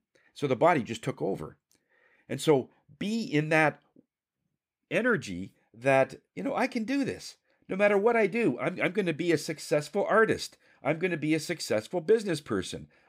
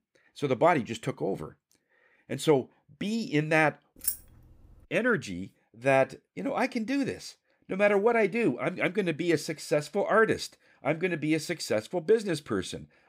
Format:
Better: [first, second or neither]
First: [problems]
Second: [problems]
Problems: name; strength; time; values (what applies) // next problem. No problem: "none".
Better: first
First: none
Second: jangling keys; noticeable; at 4 s; peak 3 dB below the speech